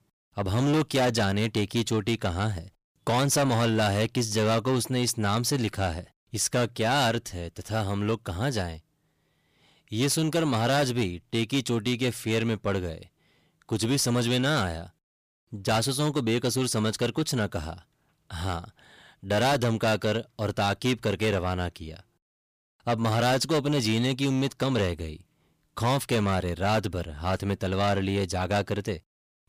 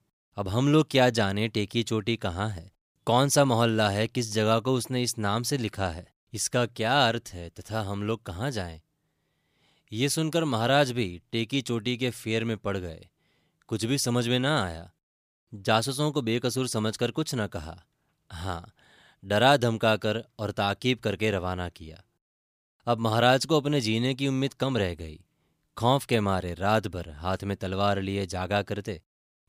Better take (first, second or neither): second